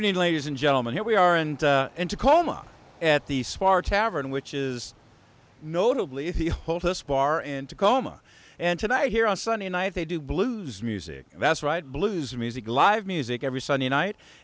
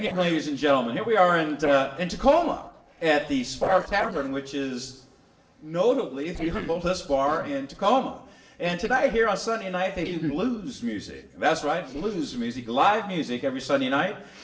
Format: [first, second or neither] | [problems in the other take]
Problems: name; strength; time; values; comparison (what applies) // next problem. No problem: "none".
first | noise reduction (neural separator model SepFormer DNS4)